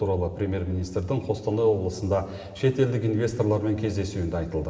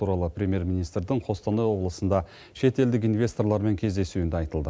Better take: second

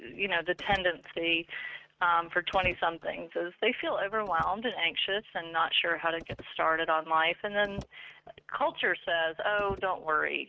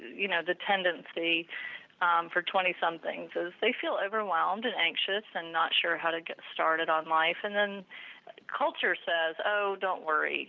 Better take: second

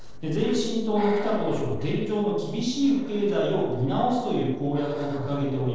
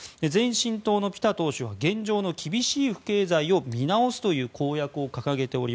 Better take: second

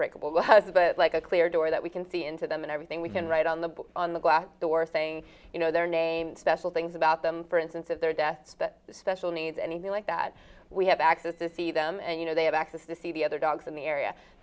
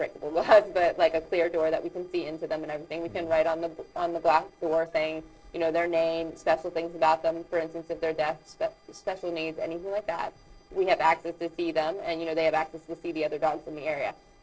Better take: first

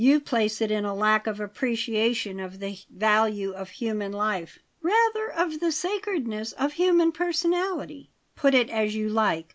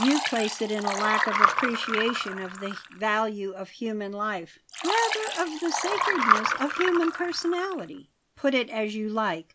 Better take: first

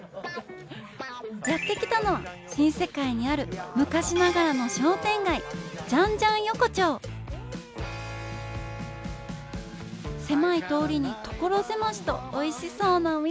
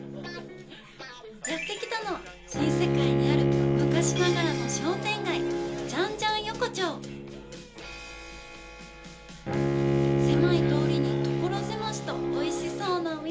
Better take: first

